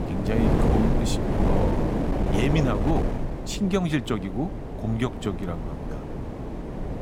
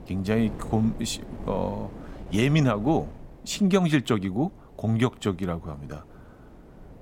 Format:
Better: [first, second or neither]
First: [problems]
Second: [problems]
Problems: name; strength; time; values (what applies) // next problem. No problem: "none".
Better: second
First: wind noise on the microphone; heavy; as loud as the speech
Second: wind noise on the microphone; occasional gusts; 20 dB below the speech